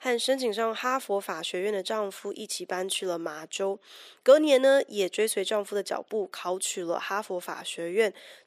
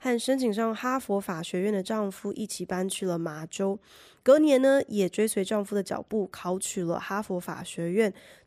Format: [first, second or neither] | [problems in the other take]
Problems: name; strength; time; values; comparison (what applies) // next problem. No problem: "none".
second | thin; somewhat; fading below 450 Hz